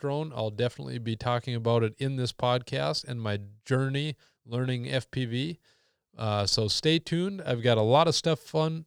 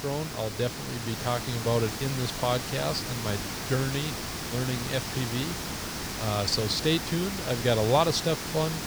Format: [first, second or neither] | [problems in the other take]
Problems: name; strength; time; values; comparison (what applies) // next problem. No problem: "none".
first | hiss; loud; throughout; 4 dB below the speech